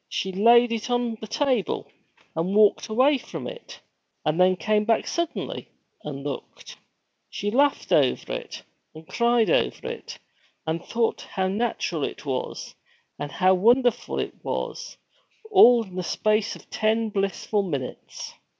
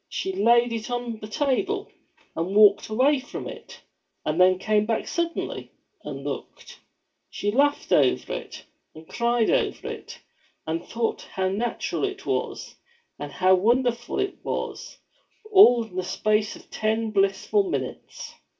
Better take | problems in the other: first | room echo; dies away in 0.2 s

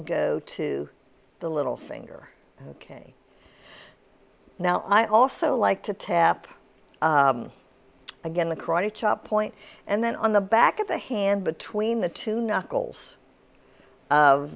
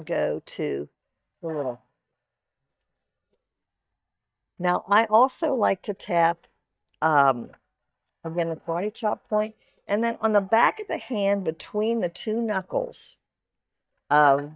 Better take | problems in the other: first | noise reduction (neural mask model DeepFilterNet 3)

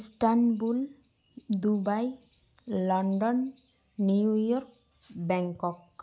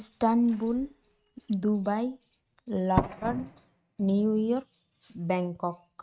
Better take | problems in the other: first | noise reduction (neural mask model RNNoise)

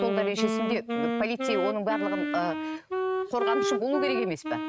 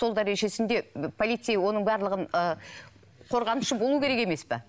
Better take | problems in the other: second | noise reduction (neural mask model RNNoise)

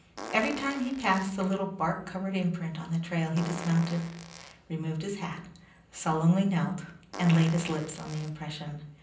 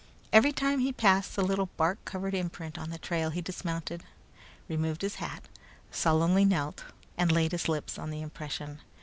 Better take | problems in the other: second | background sound (Fart); 14 dB below the speech // room echo; dies away in 0.6 s

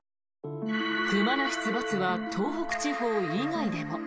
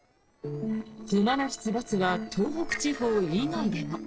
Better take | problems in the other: first | noise reduction (neural separator model SepFormer DNS4)

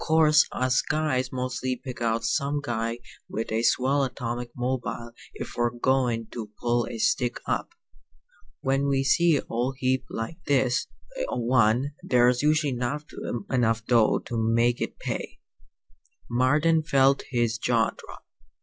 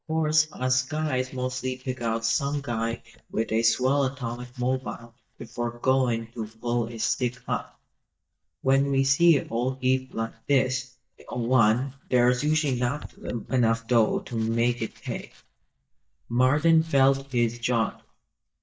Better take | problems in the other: first | noise reduction (neural mask model DeepFilterNet 3)

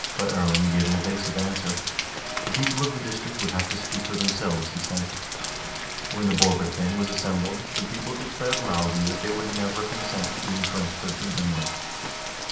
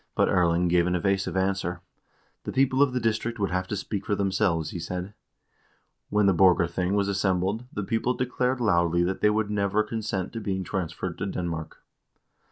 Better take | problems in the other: second | background sound (Rain); 2 dB below the speech // room echo; dies away in 0.6 s

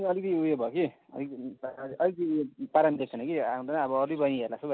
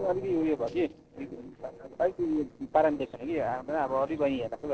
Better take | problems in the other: first | noise reduction (neural separator model SepFormer DNS4)

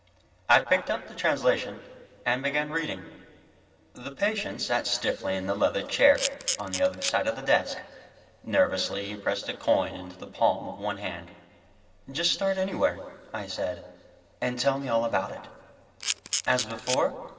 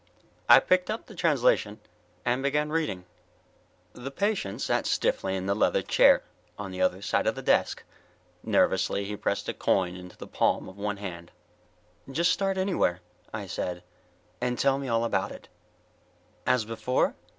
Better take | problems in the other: second | background sound (Camera); 4 dB below the speech // room echo; dies away in 2.5 s

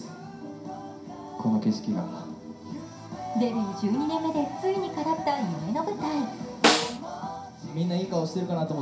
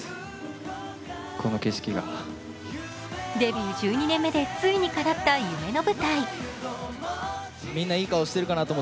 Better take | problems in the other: second | background sound (Snare drum); 2 dB above the speech // room echo; dies away in 0.5 s

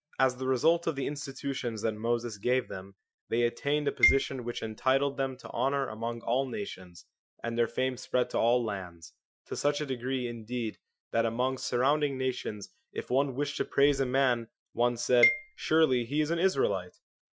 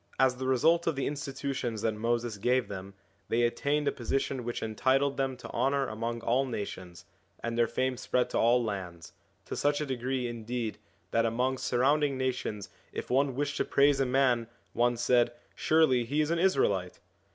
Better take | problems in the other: second | noise reduction (classical method Wiener filter)

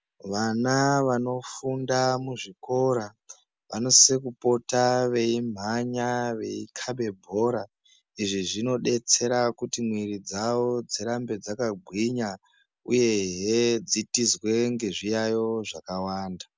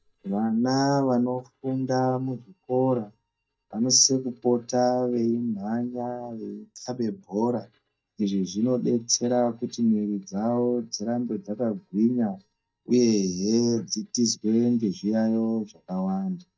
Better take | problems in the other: first | noise reduction (neural mask model DeepFilterNet 3)

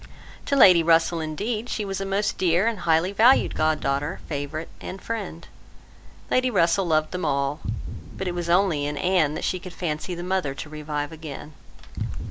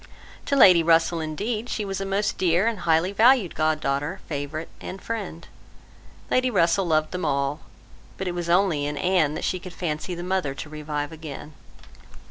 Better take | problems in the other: second | background sound (Boom); 12 dB below the speech

